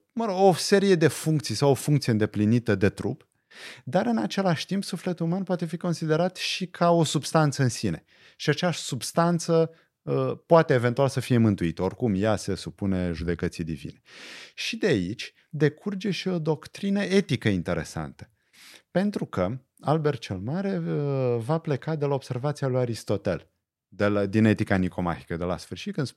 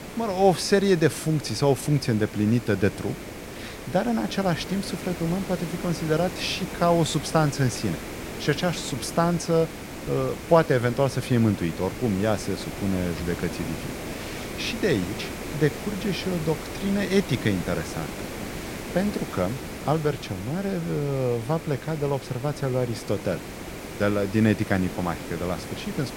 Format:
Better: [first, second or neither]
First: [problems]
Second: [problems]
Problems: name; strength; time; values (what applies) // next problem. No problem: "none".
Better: first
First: none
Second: hiss; loud; throughout; 10 dB below the speech